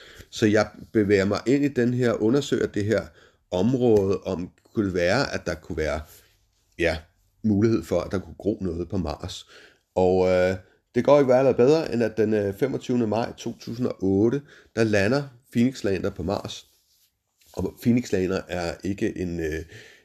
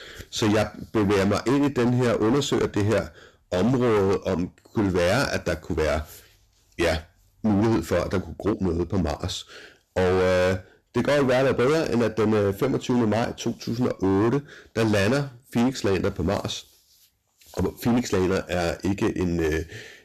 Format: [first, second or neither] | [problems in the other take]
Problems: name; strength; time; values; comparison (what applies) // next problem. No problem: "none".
first | distortion; heavy; 20% of the sound clipped